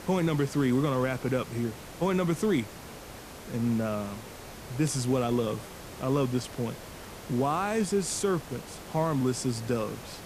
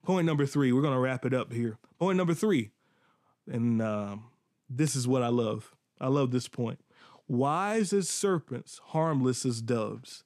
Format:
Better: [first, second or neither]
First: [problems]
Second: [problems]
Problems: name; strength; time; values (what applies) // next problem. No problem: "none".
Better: second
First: hiss; noticeable; throughout; 15 dB below the speech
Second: none